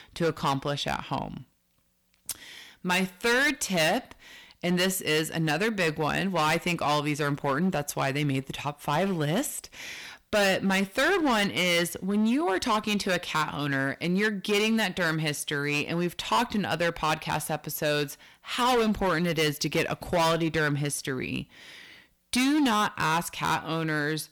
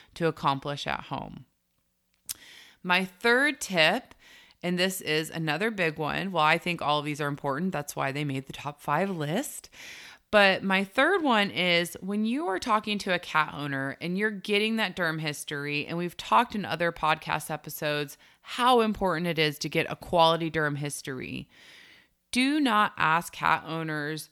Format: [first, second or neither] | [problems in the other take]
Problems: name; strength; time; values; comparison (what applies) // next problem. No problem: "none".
second | distortion; heavy; 11% of the sound clipped